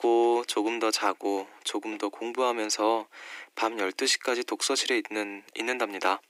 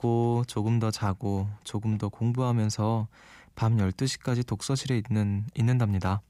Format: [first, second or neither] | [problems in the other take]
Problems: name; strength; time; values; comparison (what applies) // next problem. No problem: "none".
second | thin; very; fading below 300 Hz